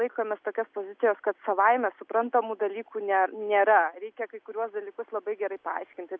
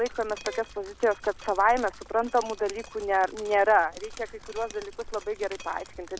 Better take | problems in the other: first | background sound (Drip + Wind instrument, woodwind instrument); 16 dB below the speech

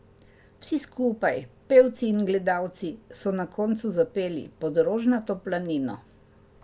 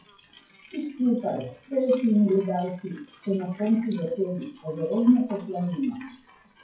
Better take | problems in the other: first | noise reduction (classical method WPE with log-MMSE)

